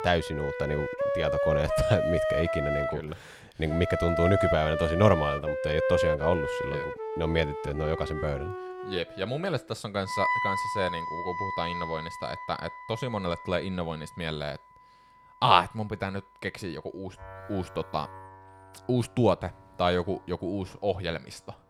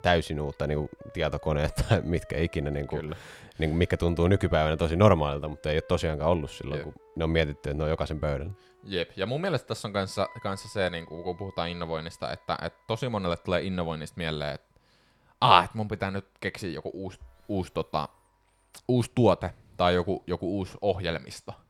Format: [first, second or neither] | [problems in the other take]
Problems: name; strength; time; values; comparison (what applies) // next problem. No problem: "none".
second | background music; loud; throughout; 1 dB below the speech; faint in the second